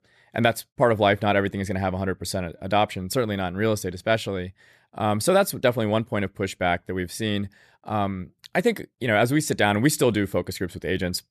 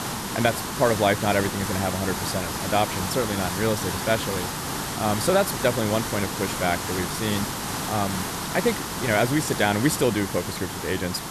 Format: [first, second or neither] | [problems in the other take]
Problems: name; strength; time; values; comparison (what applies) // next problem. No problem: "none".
first | hiss; loud; throughout; 3 dB below the speech